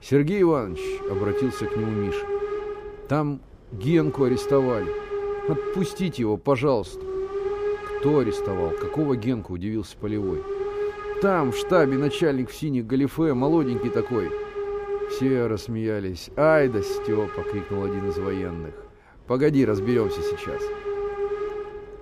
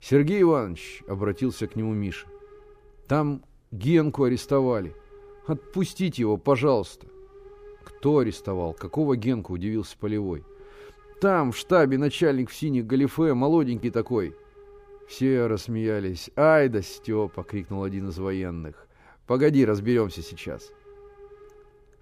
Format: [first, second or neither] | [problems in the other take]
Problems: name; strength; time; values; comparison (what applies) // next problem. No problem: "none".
second | hiss; loud; throughout; 5 dB below the speech; faint in the second